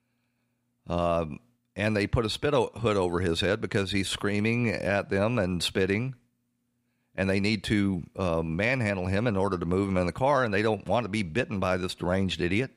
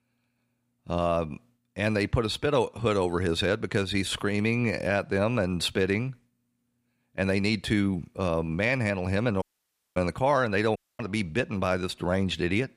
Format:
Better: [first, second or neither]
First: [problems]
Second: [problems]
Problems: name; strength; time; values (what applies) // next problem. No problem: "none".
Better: first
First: none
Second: audio cutting out; at 9.5 s for 0.5 s and at 11 s